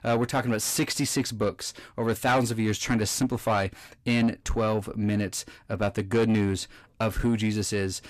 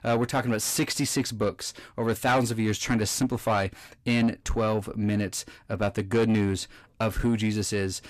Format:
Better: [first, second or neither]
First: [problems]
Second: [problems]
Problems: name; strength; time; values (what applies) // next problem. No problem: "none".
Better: neither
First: distortion; slight; 10 dB below the speech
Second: distortion; slight; 10 dB below the speech